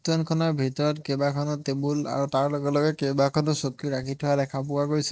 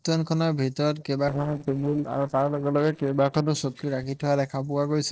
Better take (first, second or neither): first